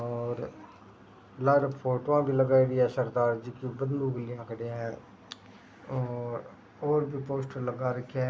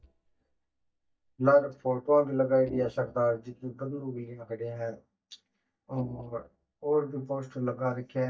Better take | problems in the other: first | noise reduction (neural mask model DeepFilterNet 3)

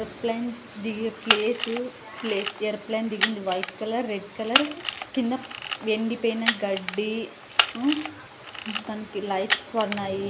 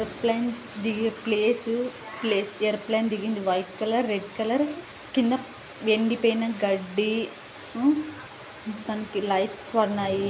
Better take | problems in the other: second | background sound (Camera); 2 dB below the speech

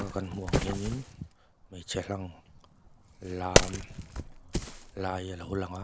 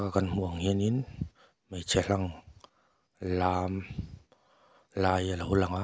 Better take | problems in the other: second | background sound (Wood); 4 dB above the speech

